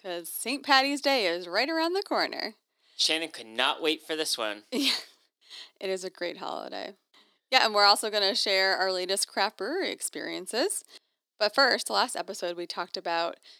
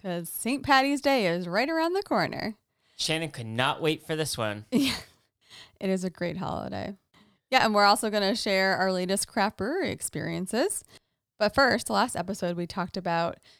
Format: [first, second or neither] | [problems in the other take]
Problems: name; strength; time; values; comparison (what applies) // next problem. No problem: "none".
second | thin; very slightly; fading below 300 Hz